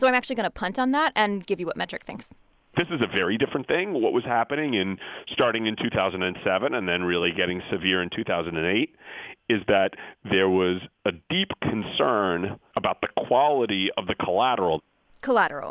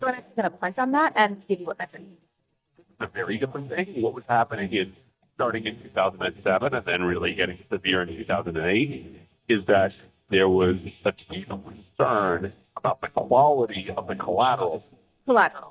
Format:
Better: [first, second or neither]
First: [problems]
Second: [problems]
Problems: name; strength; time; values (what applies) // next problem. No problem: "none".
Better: first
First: none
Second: noise reduction (neural mask model DeepFilterNet 3)